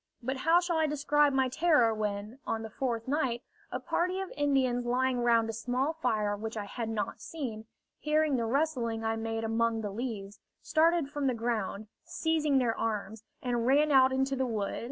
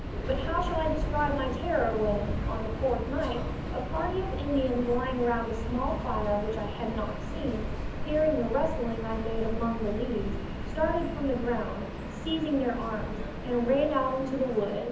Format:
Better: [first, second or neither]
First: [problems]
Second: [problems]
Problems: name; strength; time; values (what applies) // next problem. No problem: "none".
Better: first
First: none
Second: background sound (Subway, metro, underground); 3 dB below the speech // room echo; dies away in 0.7 s